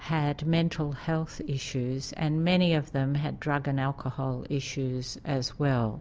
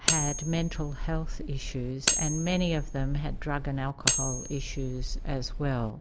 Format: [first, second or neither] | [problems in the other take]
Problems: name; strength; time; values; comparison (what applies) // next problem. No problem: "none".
first | background sound (Cutlery, silverware); as loud as the speech